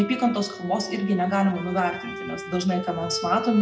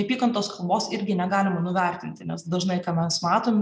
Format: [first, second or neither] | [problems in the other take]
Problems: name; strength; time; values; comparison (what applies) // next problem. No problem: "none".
second | background sound (Bowed string instrument); 11 dB below the speech // room echo; dies away in 0.2 s